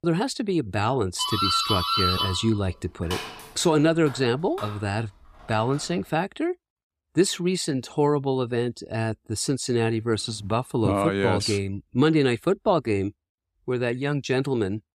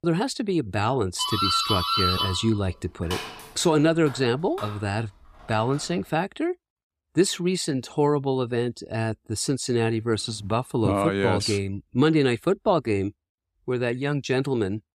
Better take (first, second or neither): neither